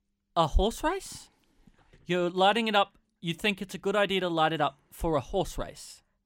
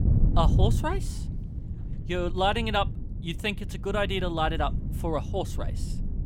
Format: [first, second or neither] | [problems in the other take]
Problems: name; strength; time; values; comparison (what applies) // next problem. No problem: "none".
first | wind noise on the microphone; occasional gusts; 15 dB below the speech